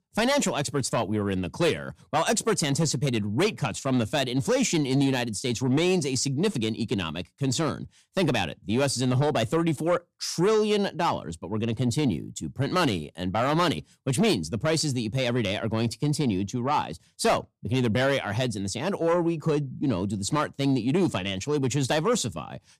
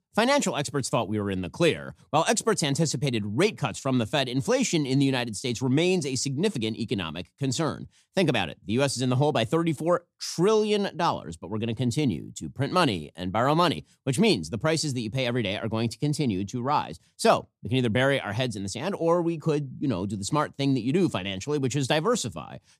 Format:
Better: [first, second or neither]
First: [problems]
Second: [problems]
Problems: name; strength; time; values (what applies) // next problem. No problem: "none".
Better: second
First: distortion; slight; 10 dB below the speech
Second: none